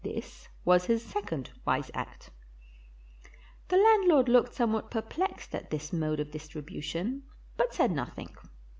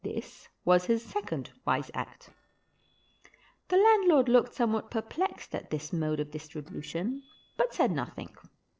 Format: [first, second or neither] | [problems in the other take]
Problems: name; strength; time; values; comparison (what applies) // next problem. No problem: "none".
first | noise reduction (neural separator model SepFormer DNS4)